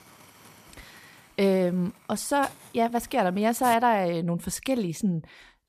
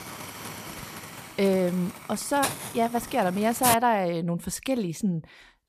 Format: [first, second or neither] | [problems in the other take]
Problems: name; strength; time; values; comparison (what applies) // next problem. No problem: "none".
first | hiss; loud; until 3.5 s; 7 dB below the speech; faint in the first